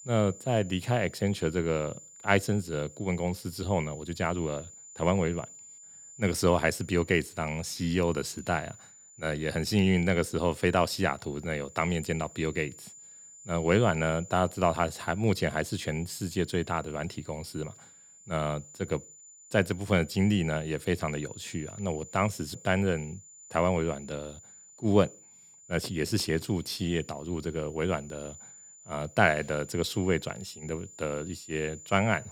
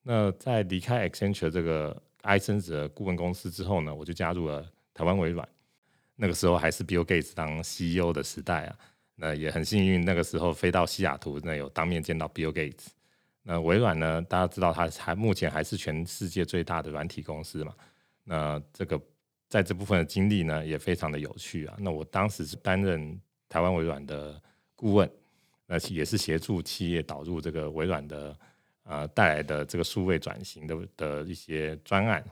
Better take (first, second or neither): second